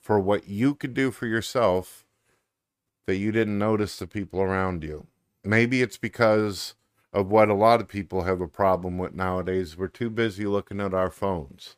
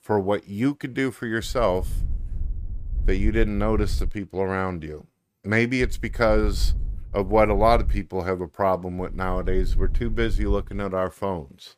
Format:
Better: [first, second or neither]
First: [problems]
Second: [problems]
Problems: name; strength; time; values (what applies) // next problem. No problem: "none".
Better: first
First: none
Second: wind noise on the microphone; occasional gusts; from 1.5 to 4 s, from 6 to 8 s and from 9 to 11 s; 25 dB below the speech